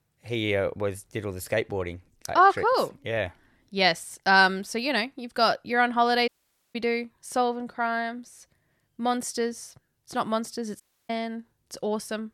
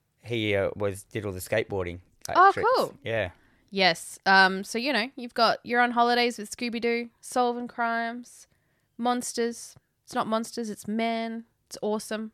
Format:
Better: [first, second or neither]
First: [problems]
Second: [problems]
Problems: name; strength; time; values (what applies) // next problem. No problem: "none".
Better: second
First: audio cutting out; at 6.5 s and at 11 s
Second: none